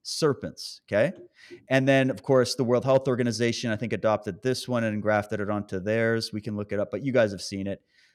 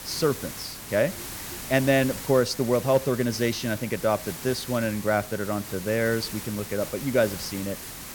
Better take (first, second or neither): first